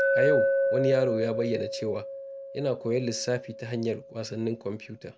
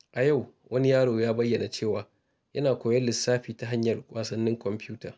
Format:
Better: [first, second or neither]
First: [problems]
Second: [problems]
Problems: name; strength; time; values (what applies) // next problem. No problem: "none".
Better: second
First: background sound (Glass); as loud as the speech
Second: none